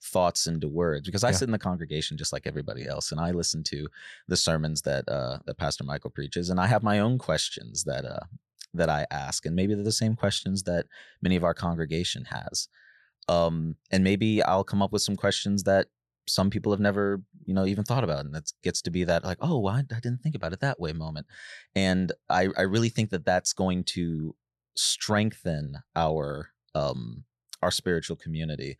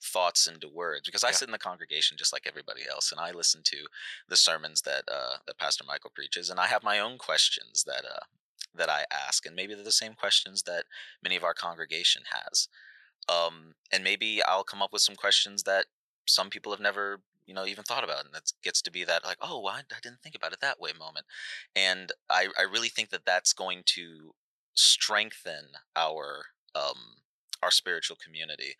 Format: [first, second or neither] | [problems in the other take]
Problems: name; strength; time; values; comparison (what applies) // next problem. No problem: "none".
first | thin; very; fading below 800 Hz